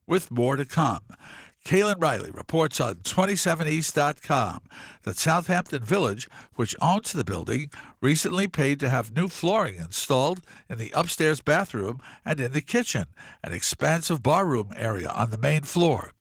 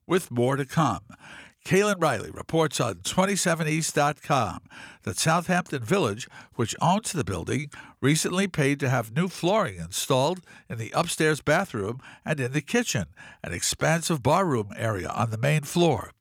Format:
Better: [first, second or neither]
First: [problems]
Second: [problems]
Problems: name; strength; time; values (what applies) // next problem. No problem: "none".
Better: second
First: garbled, watery; slightly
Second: none